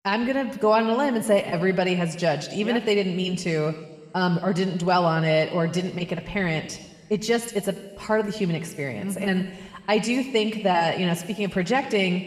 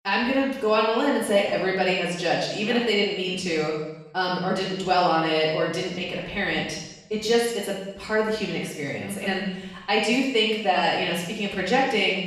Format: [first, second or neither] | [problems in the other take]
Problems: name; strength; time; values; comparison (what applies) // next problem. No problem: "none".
first | room echo; strong; dies away in 0.9 s; slight in the first // off-mic speech; far